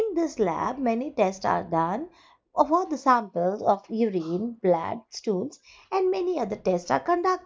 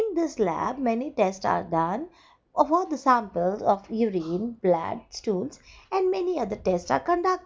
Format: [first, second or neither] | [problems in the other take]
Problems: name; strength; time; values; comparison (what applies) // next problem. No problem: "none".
second | noise reduction (neural mask model Resemble Enhance denoiser)